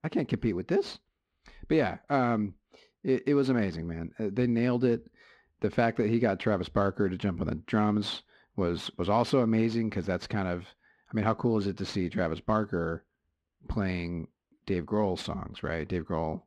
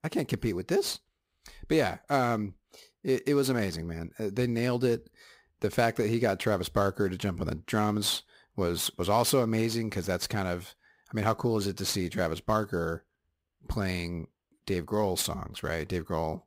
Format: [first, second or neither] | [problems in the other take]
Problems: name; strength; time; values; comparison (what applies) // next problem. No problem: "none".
second | muffled; slightly; fading above 3 kHz